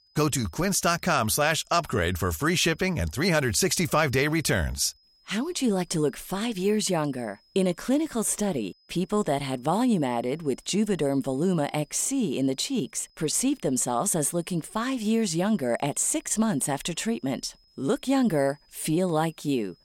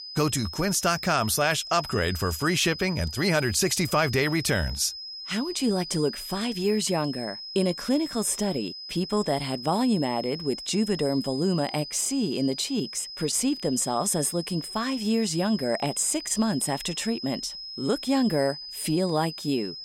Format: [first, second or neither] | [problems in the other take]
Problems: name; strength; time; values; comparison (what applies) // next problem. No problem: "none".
first | high-pitched whine; loud; throughout; 5 kHz, 10 dB below the speech; faint in the first